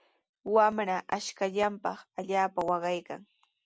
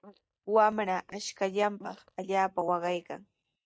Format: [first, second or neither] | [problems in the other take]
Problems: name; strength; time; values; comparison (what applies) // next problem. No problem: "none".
first | noise reduction (neural mask model DeepFilterNet 3)